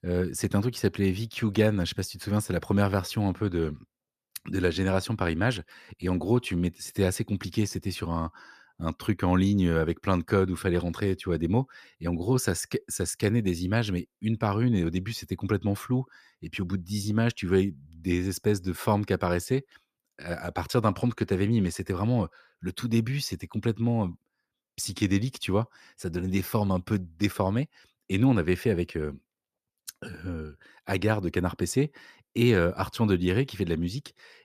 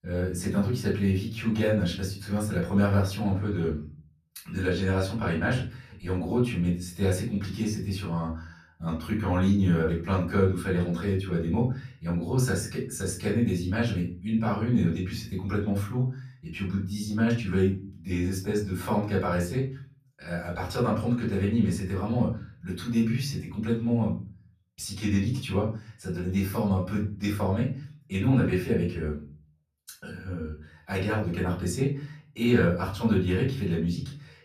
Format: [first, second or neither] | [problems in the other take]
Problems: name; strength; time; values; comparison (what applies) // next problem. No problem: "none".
first | room echo; slight; dies away in 0.4 s // off-mic speech; far